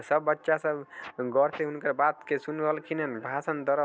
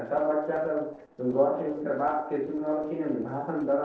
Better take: first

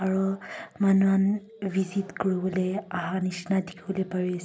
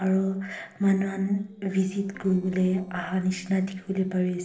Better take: first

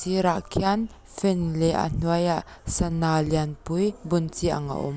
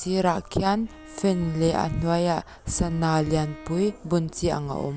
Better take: first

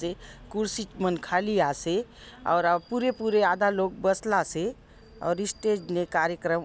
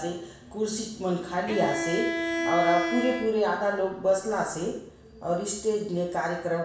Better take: first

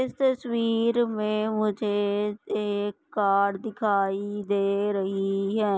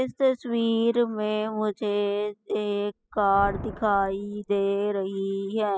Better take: first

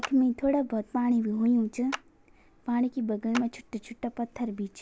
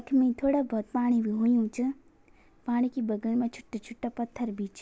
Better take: second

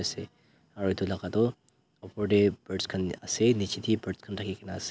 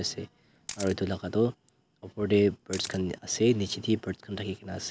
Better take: first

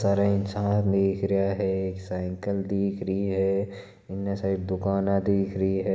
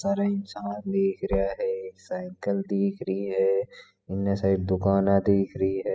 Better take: first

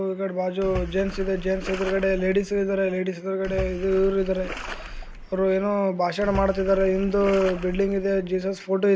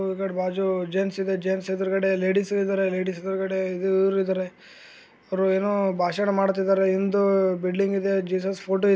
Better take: second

